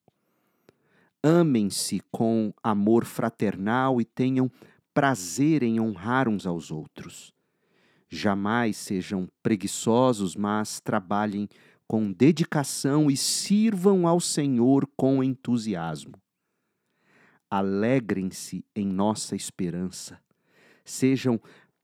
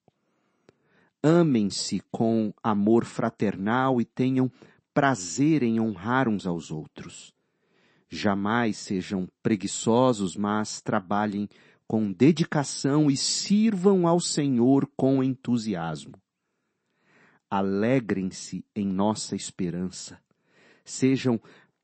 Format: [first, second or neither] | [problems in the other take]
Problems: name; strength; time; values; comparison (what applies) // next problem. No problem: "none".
first | garbled, watery; slightly; nothing above 8 kHz